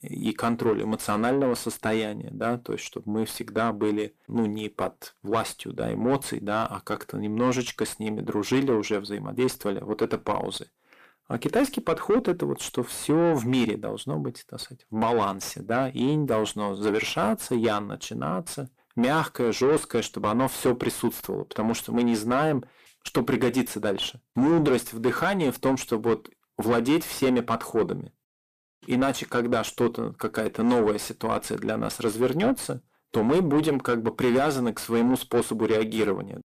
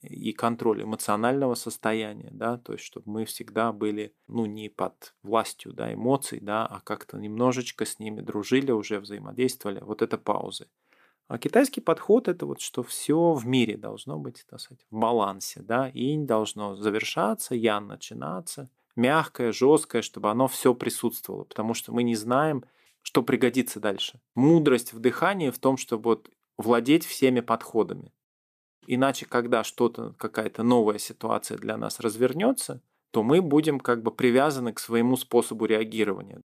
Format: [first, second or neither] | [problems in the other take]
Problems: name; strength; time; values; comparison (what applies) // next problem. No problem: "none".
second | distortion; heavy; 7 dB below the speech